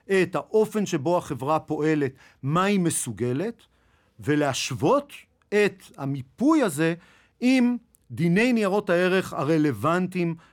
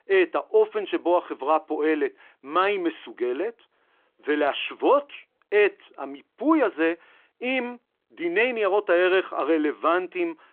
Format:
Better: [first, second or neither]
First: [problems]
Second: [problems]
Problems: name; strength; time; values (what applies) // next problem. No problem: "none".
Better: first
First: none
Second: phone-call audio